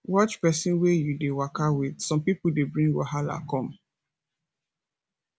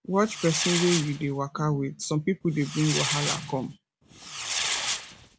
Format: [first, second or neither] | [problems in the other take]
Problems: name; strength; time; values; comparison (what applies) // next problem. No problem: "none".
first | background sound (Fireworks); 4 dB below the speech